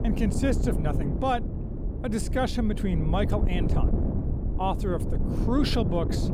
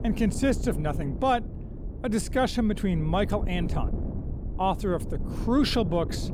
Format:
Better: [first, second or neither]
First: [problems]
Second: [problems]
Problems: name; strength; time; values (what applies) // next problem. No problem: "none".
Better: second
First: wind noise on the microphone; heavy; 7 dB below the speech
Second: wind noise on the microphone; occasional gusts; 15 dB below the speech